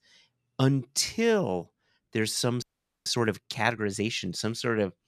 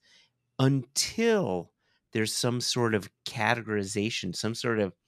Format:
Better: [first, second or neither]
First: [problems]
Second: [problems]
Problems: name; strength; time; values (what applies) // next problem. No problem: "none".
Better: second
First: audio freezing; at 2.5 s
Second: none